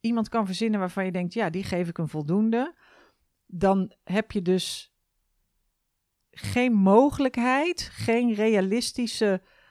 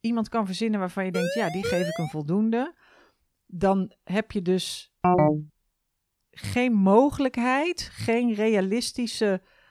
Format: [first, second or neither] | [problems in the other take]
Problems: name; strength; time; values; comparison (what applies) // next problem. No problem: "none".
first | siren; noticeable; at 1 s; peak 4 dB below the speech // phone ringing; loud; at 5 s; peak 5 dB above the speech